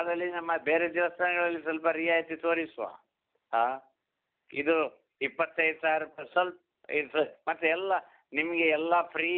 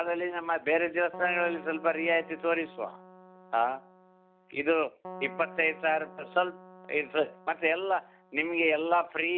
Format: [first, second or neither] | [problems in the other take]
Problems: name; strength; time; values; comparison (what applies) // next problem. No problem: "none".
first | background sound (Keyboard (musical)); 18 dB below the speech